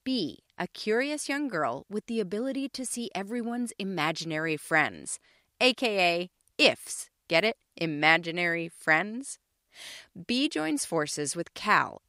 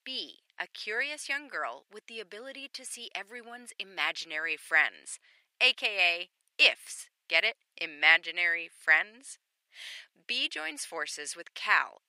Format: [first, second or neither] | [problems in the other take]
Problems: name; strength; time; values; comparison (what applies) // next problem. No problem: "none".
first | thin; very; fading below 600 Hz